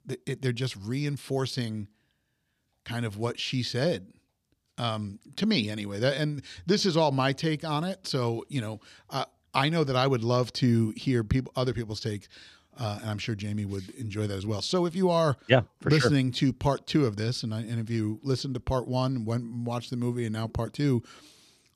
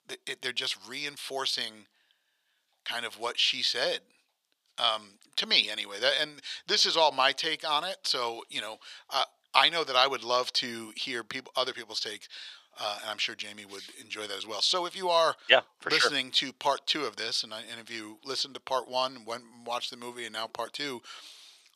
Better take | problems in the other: first | thin; very; fading below 800 Hz

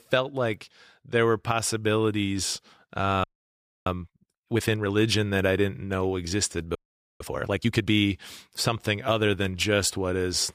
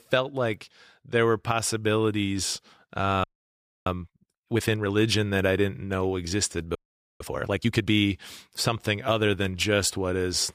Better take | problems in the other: neither | audio freezing; at 3 s for 0.5 s and at 7 s; the same in both

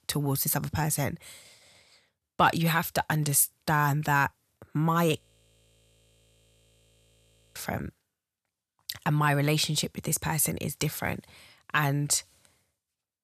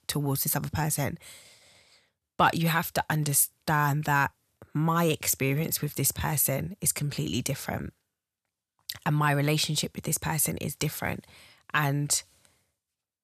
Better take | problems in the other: second | audio freezing; at 5 s for 2.5 s

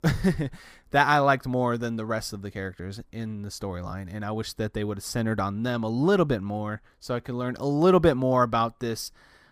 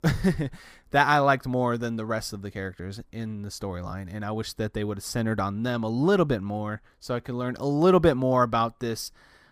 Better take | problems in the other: neither | none

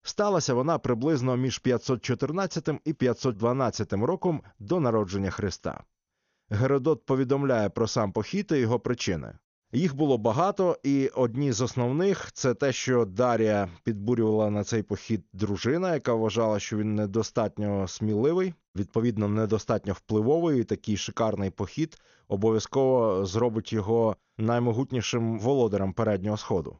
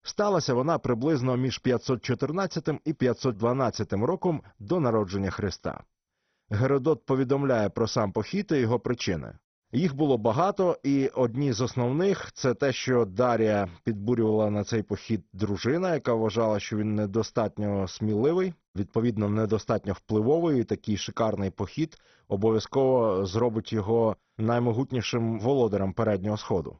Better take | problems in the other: first | garbled, watery; badly; nothing above 6 kHz; slightly in the first

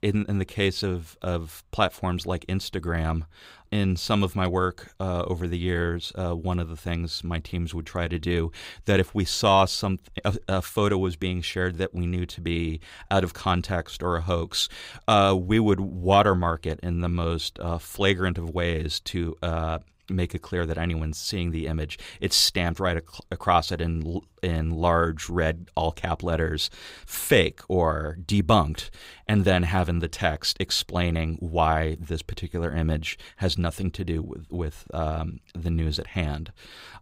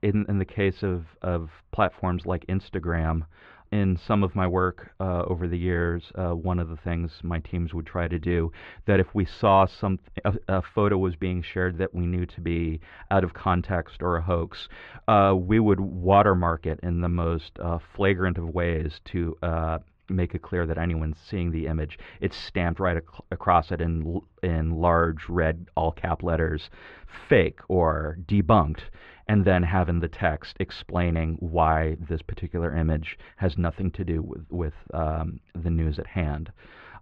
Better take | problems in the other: first | muffled; very; fading above 2 kHz

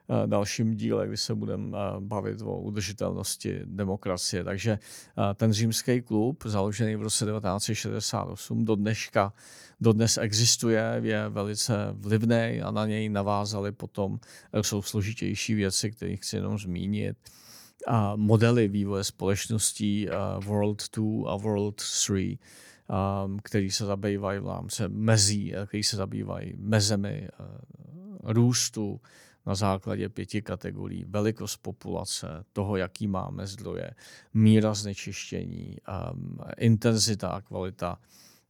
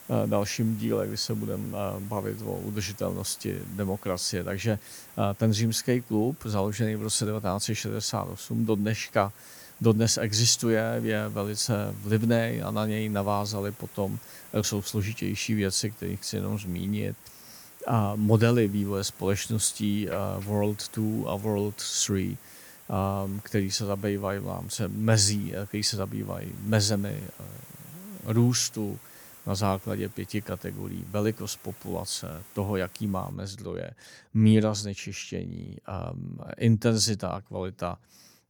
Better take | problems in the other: first | hiss; noticeable; until 33 s; 20 dB below the speech

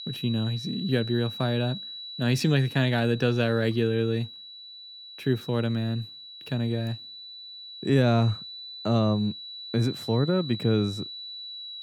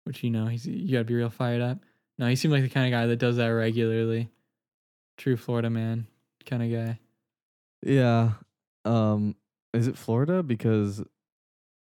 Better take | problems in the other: second | high-pitched whine; noticeable; throughout; 4 kHz, 10 dB below the speech

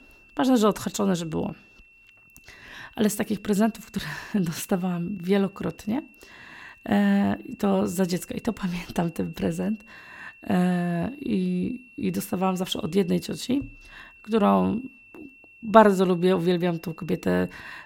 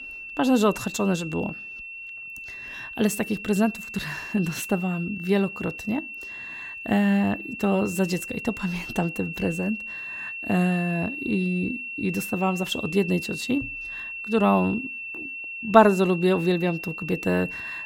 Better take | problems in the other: first | high-pitched whine; loud; throughout; 2.5 kHz, 9 dB below the speech; faint in the first

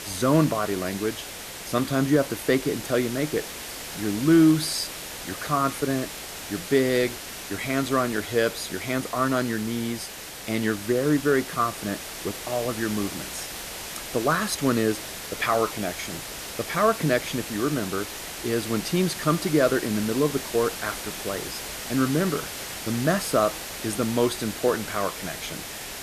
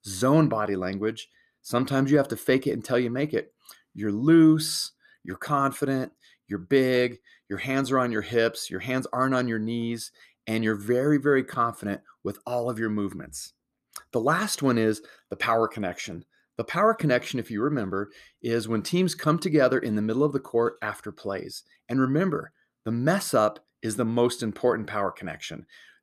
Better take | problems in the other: second | hiss; loud; throughout; 8 dB below the speech

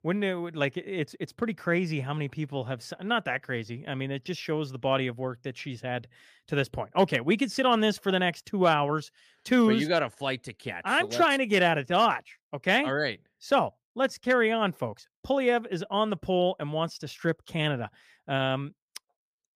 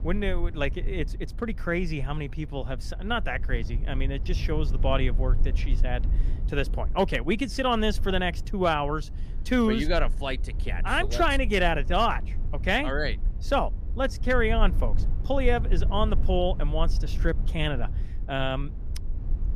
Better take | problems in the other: first | low rumble; faint; throughout; 20 dB below the speech

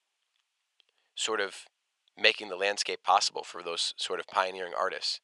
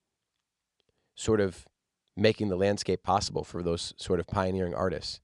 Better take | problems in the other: second | thin; very; fading below 900 Hz

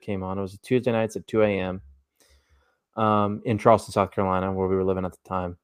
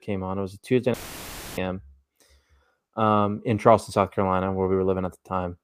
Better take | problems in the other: first | audio cutting out; filled with static; at 1 s for 0.5 s

